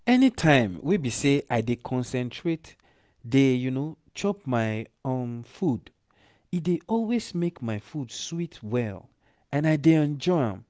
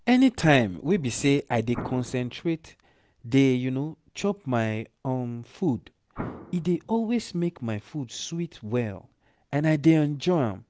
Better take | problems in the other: first | background sound (Explosion); 13 dB below the speech

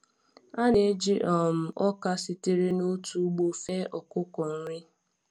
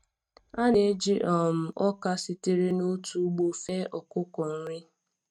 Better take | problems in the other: first | noise reduction (neural mask model RNNoise)

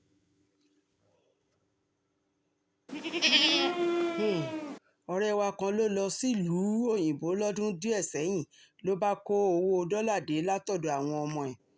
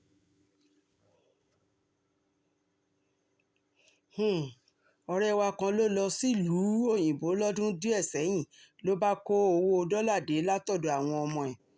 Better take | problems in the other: second | background sound (Livestock, farm animals, working animals); 3 dB above the speech

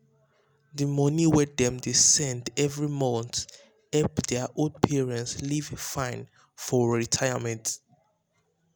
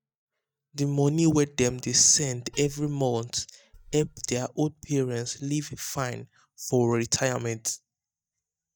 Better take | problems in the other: first | noise reduction (neural mask model DeepFilterNet 3)

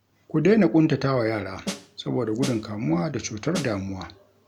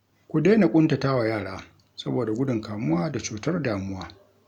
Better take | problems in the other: second | background sound (Snare drum); 12 dB below the speech

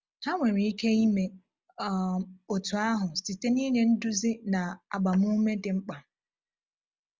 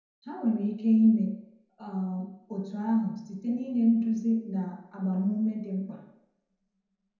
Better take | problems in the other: first | room echo; dies away in 0.9 s

